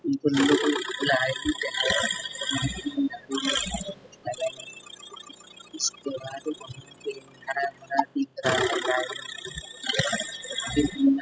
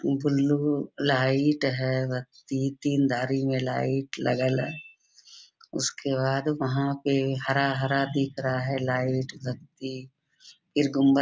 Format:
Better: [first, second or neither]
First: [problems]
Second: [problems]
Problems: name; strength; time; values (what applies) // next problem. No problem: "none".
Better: second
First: noise reduction (classical method spectral subtraction)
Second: none